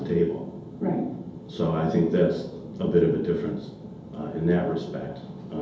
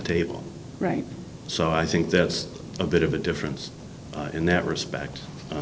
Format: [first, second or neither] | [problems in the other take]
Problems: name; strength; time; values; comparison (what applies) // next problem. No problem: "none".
second | room echo; dies away in 0.8 s